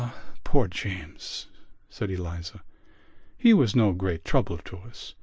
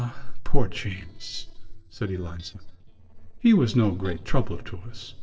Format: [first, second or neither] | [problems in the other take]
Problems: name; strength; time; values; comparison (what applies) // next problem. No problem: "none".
first | noise reduction (neural separator model SepFormer DNS4)